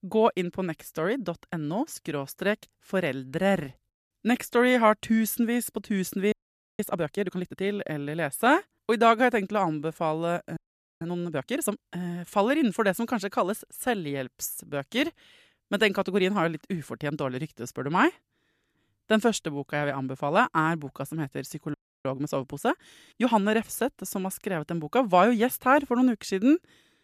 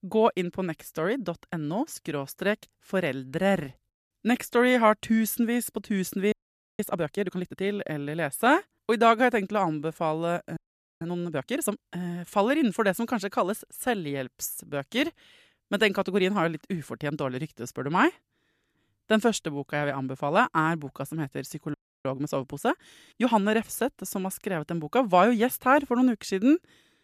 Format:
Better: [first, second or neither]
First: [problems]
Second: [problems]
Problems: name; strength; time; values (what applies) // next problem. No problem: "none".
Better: neither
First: audio freezing; at 6.5 s, at 11 s and at 22 s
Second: audio freezing; at 6.5 s, at 11 s and at 22 s